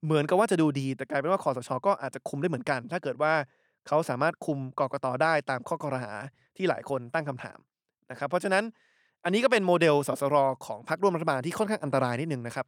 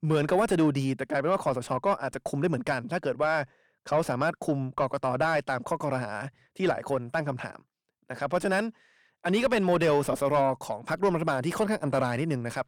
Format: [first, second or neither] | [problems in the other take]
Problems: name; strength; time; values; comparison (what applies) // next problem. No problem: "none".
first | distortion; slight; 10 dB below the speech